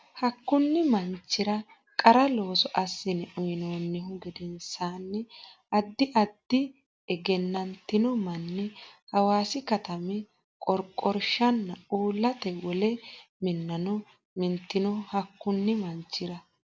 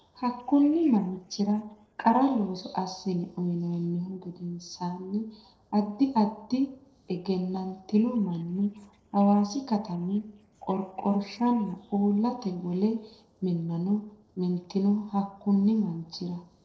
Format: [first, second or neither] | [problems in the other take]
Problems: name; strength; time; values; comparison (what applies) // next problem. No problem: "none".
first | noise reduction (neural separator model SepFormer DNS4)